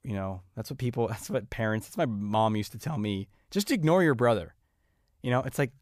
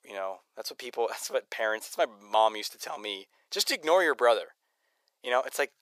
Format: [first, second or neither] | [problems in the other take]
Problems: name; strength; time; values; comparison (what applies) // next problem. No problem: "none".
first | thin; very; fading below 450 Hz